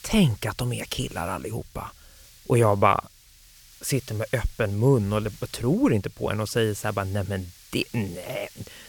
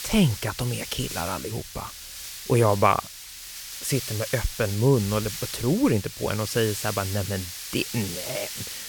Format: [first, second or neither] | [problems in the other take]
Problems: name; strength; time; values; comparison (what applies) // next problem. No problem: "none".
first | hiss; loud; throughout; 8 dB below the speech; faint in the first